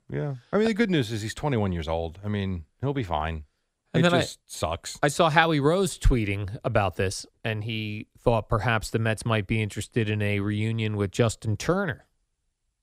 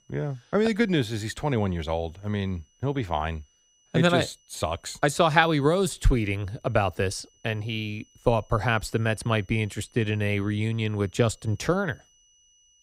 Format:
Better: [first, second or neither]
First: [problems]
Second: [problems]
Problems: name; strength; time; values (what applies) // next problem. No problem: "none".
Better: first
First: none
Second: high-pitched whine; faint; throughout; 6 kHz, 35 dB below the speech